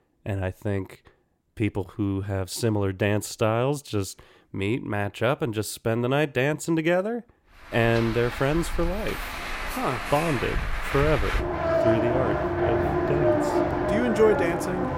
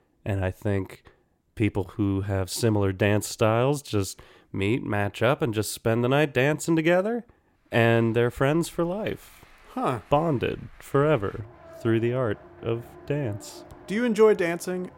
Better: second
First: traffic noise; loud; from 8 s on; 1 dB below the speech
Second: traffic noise; faint; from 8 s on; 25 dB below the speech

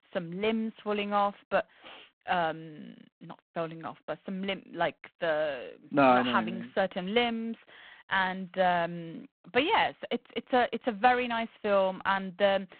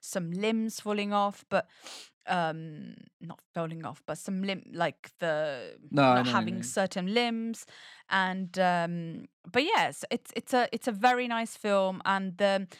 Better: second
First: phone-call audio; poor line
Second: none

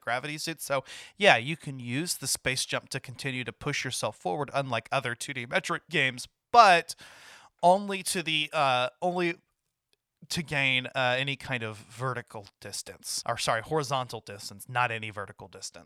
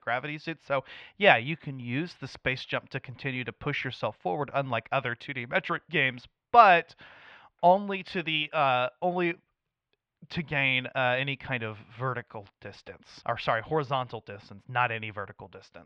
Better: first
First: none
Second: muffled; very; fading above 3 kHz

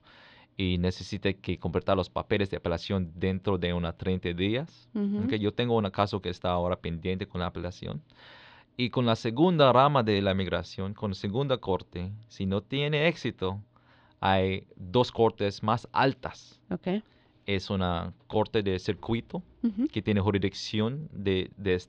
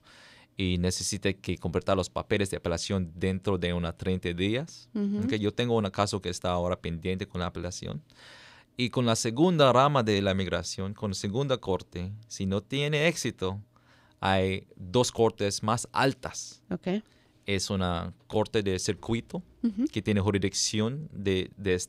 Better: second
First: muffled; slightly; fading above 4 kHz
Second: none

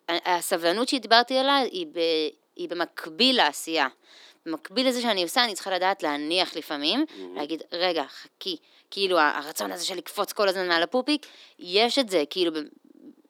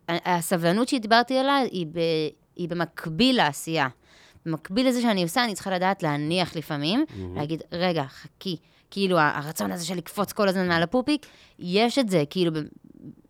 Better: second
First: thin; very slightly; fading below 250 Hz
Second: none

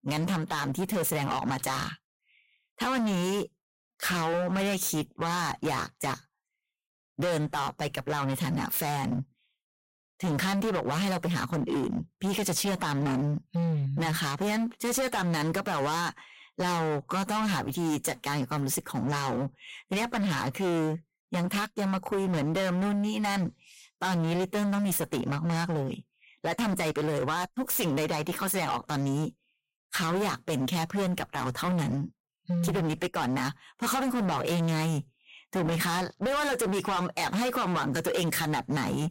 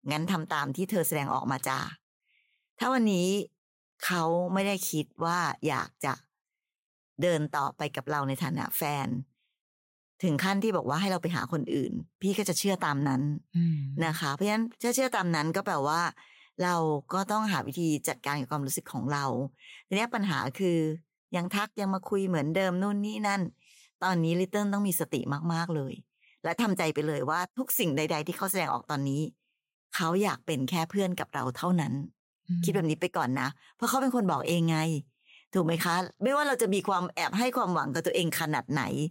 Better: second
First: distortion; heavy; 25% of the sound clipped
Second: none

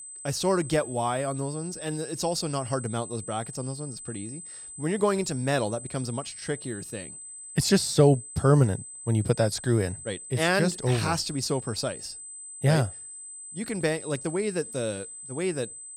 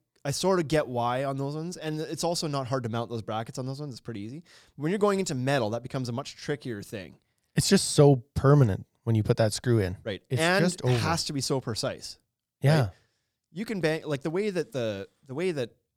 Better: second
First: high-pitched whine; noticeable; throughout; 8 kHz, 10 dB below the speech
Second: none

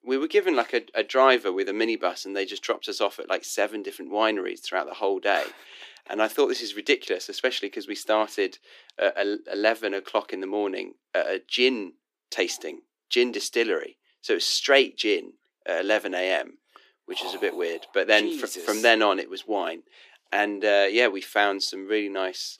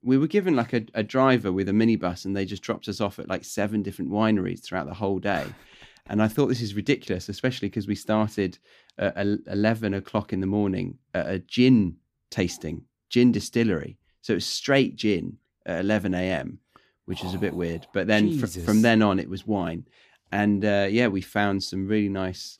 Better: second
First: thin; very; fading below 350 Hz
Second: none

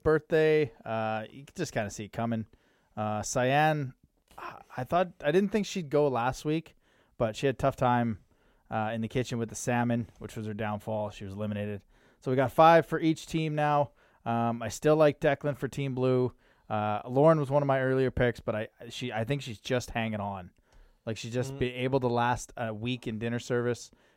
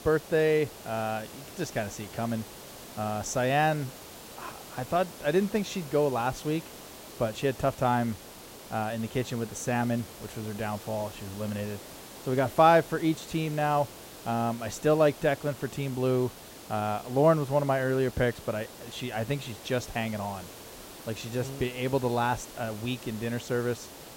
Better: first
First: none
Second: hiss; noticeable; throughout; 15 dB below the speech

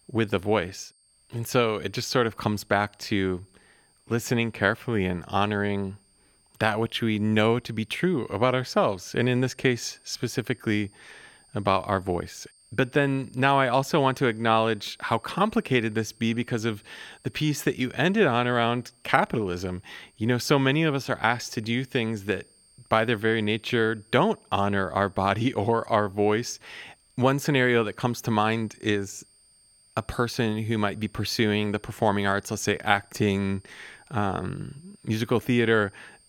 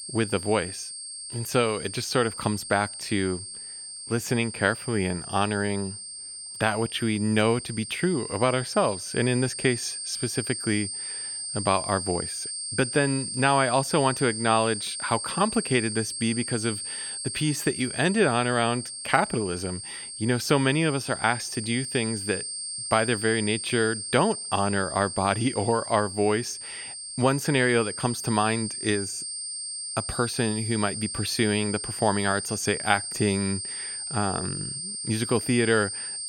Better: first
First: high-pitched whine; faint; throughout; 8.5 kHz, 30 dB below the speech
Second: high-pitched whine; loud; throughout; 8.5 kHz, 6 dB below the speech

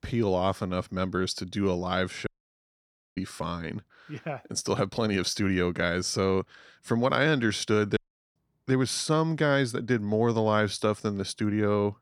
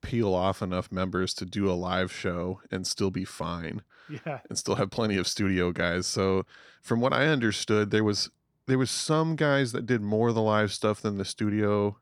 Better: second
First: audio cutting out; at 2.5 s for 1 s and at 8 s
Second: none

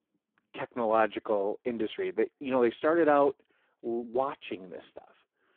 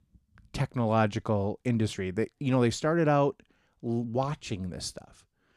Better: second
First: phone-call audio; poor line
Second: none

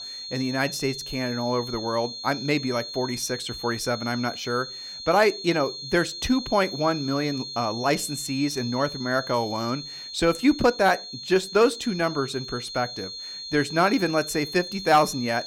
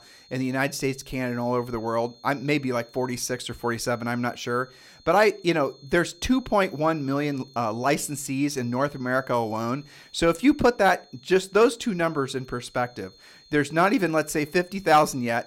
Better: second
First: high-pitched whine; loud; throughout; 4 kHz, 9 dB below the speech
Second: high-pitched whine; faint; throughout; 4 kHz, 25 dB below the speech

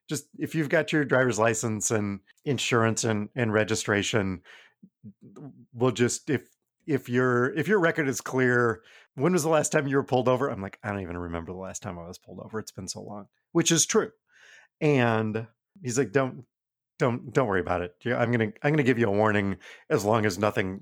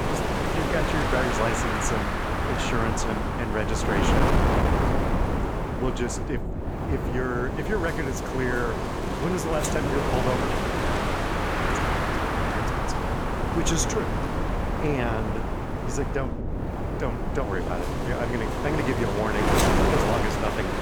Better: first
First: none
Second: wind noise on the microphone; heavy; 3 dB above the speech

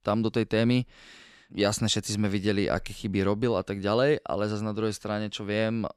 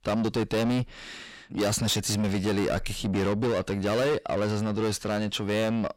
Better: first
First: none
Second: distortion; heavy; 7 dB below the speech

